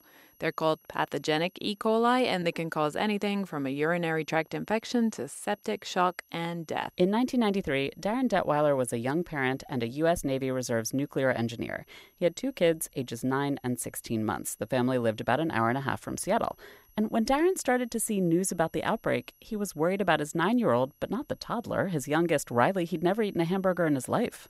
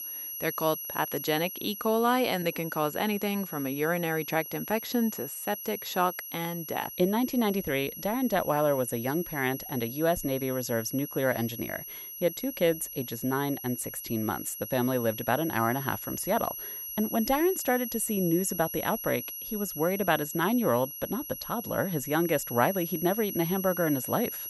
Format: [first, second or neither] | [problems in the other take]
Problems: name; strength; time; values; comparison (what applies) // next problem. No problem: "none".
first | high-pitched whine; loud; throughout; 11.5 kHz, 8 dB below the speech; faint in the first